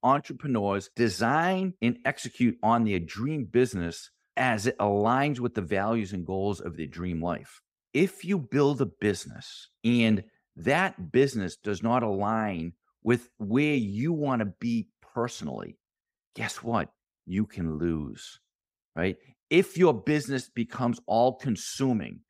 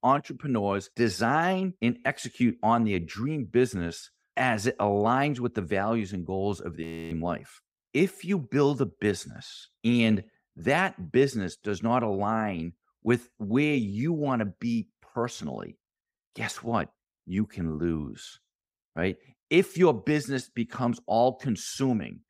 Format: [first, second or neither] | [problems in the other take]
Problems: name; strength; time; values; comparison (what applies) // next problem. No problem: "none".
first | audio freezing; at 7 s